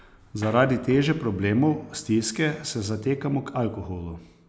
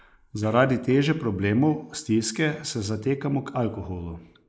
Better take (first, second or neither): first